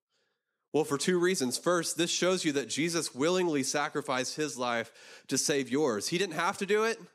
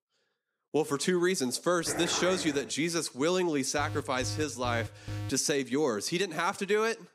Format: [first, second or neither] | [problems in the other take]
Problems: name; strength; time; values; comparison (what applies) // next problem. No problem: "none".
first | dog barking; noticeable; at 2 s; peak 6 dB below the speech // alarm; noticeable; from 4 to 5.5 s; peak 10 dB below the speech